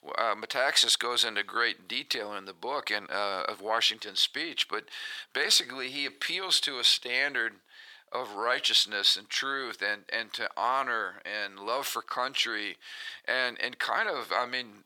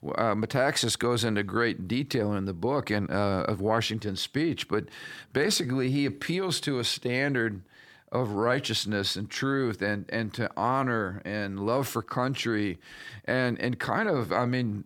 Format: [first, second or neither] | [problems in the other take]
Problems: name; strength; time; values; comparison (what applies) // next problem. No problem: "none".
second | thin; very; fading below 750 Hz